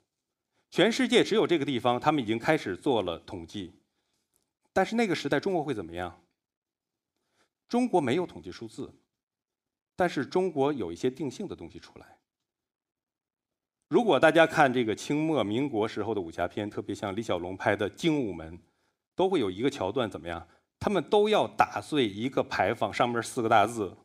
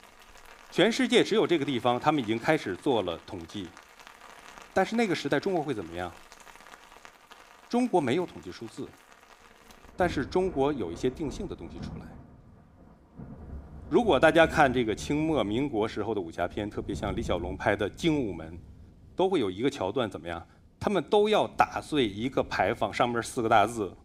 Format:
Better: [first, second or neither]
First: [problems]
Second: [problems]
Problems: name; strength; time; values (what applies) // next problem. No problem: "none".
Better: first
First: none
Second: rain or running water; noticeable; throughout; 20 dB below the speech